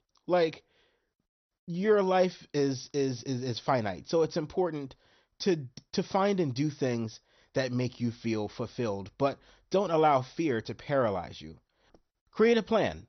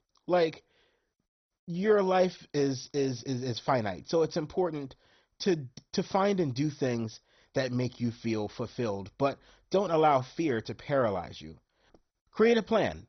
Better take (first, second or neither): first